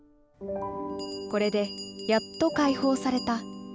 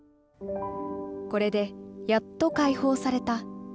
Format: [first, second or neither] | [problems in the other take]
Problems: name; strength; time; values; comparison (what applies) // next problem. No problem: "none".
second | background sound (Bell); 16 dB below the speech